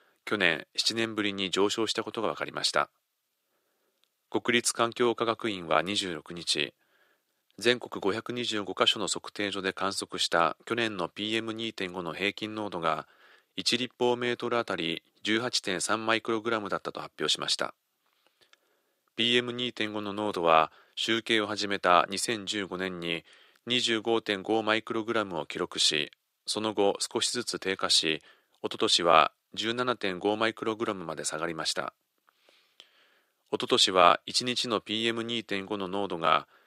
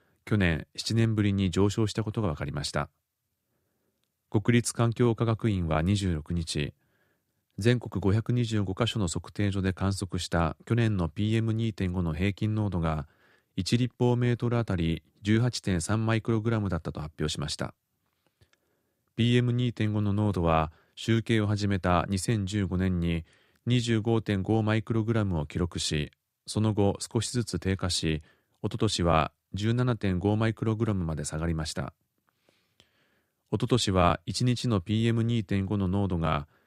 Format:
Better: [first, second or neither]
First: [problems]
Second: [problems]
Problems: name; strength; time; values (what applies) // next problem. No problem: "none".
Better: second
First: thin; very; fading below 450 Hz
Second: none